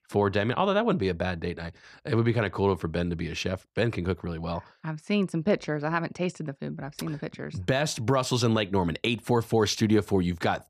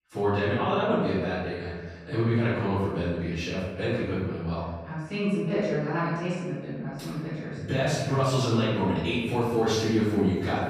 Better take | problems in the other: first | off-mic speech; far // room echo; strong; dies away in 1.1 s

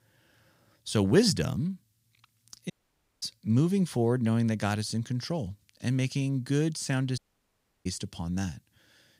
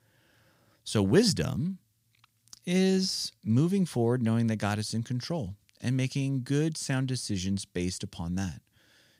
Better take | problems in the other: second | audio cutting out; at 2.5 s for 0.5 s and at 7 s for 0.5 s

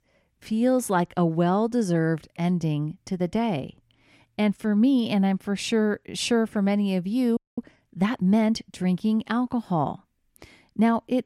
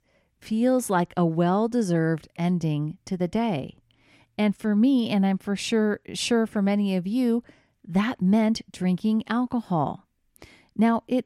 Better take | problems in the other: second | audio freezing; at 7.5 s

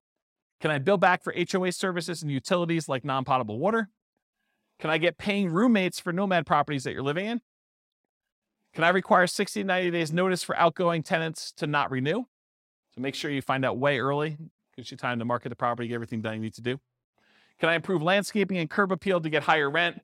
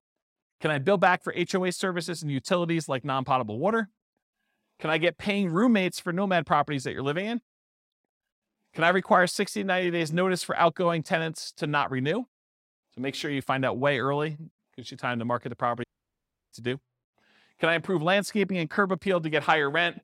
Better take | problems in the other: first | audio cutting out; at 16 s for 0.5 s

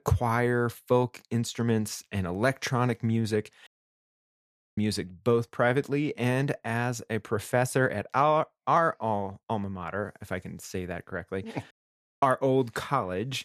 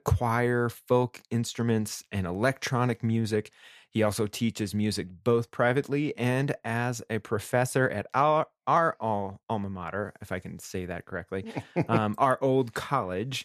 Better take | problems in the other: second | audio cutting out; at 3.5 s for 1 s and at 12 s for 0.5 s

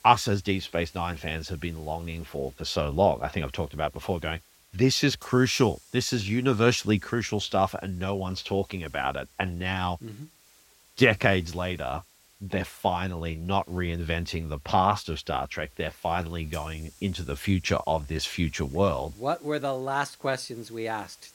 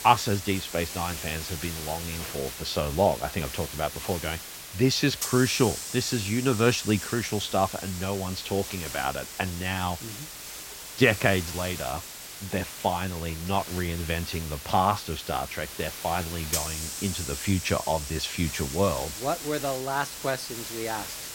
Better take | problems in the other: first | hiss; loud; throughout; 7 dB below the speech; faint in the first

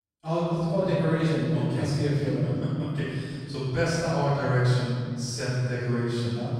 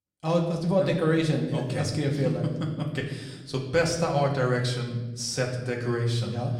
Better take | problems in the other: second | room echo; strong; dies away in 2.3 s; slight in the second // off-mic speech; far; somewhat distant in the second

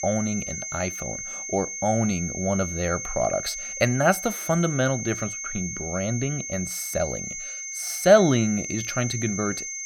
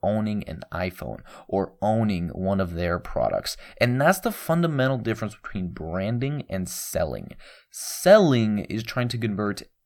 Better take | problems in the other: second | high-pitched whine; loud; throughout; 6.5 kHz, 6 dB below the speech

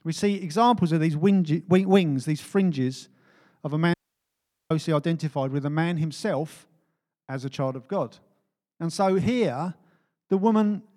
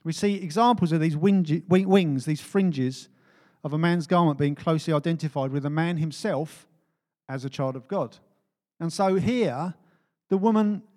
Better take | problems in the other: second | audio cutting out; at 4 s for 1 s

